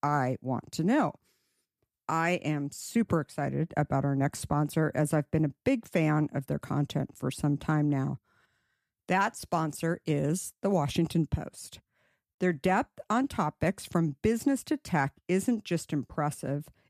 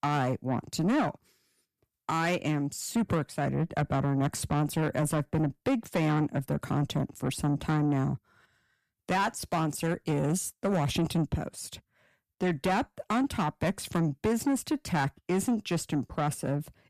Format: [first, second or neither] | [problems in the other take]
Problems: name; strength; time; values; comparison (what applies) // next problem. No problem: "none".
first | distortion; slight; 10 dB below the speech